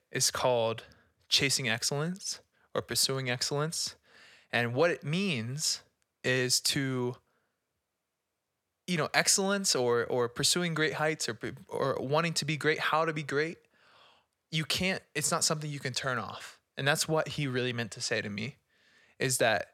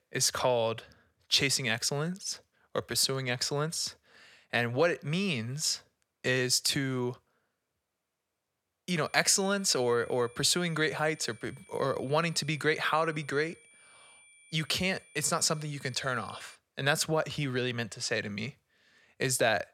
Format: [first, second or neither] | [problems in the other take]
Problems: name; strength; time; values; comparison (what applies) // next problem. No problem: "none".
first | high-pitched whine; faint; from 9 to 17 s; 2.5 kHz, 25 dB below the speech